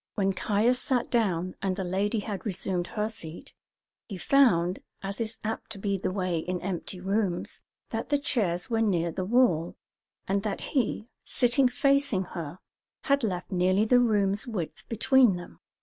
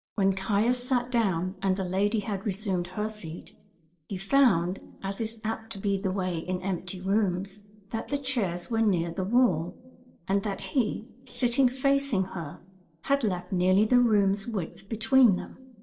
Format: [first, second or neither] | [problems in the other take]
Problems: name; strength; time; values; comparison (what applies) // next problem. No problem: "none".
first | noise reduction (neural separator model SepFormer DNS4)